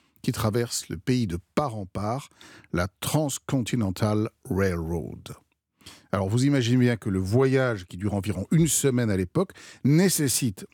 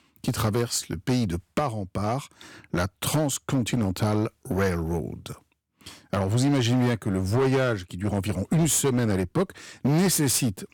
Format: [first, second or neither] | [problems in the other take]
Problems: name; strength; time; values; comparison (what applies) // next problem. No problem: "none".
first | distortion; slight; 10% of the sound clipped